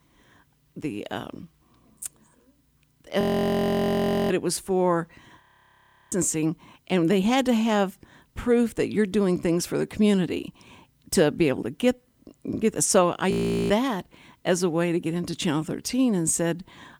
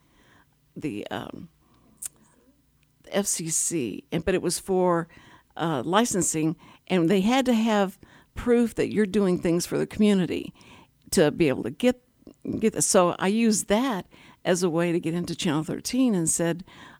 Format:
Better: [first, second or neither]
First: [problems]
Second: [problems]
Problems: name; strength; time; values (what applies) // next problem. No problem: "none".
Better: second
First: audio freezing; at 3 s for 1 s, at 5.5 s for 0.5 s and at 13 s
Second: none